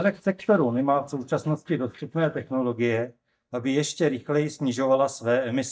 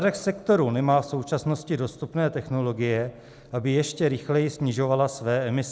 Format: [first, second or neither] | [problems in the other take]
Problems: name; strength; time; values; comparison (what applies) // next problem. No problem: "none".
second | noise reduction (neural mask model DeepFilterNet 3)